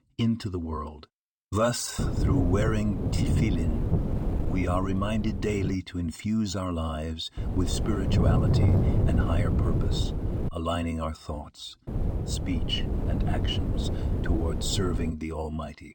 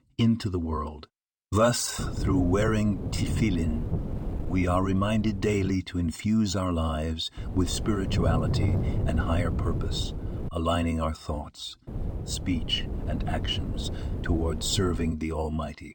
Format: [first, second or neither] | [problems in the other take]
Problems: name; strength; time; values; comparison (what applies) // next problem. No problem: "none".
second | wind noise on the microphone; heavy; from 2 to 6 s, from 7.5 to 10 s and from 12 to 15 s; 4 dB below the speech; occasional gusts in the second